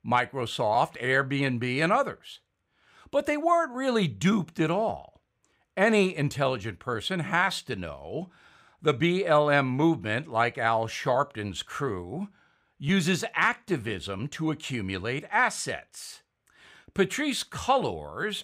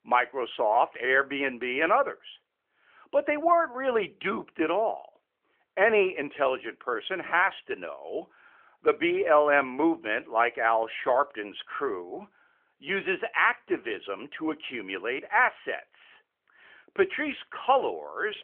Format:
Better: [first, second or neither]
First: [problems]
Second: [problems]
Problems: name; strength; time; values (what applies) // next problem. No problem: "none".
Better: first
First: none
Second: phone-call audio; nothing above 3.5 kHz